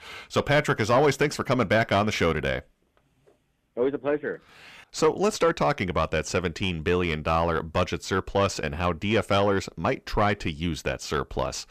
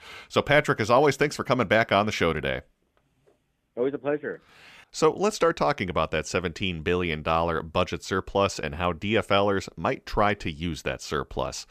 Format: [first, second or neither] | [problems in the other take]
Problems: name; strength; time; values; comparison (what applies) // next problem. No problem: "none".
second | distortion; slight; 10 dB below the speech